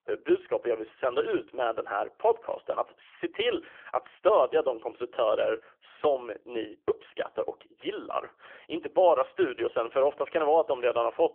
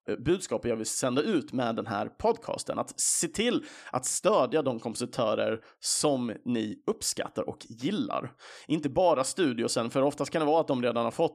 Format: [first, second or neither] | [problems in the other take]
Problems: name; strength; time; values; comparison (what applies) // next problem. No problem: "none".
second | phone-call audio; poor line; nothing above 3.5 kHz